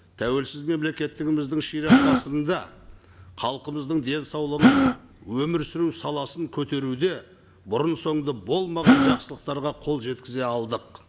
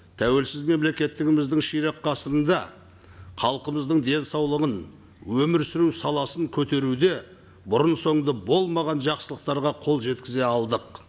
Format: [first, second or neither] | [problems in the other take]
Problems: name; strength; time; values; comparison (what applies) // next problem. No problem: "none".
second | background sound (Gasp); 4 dB above the speech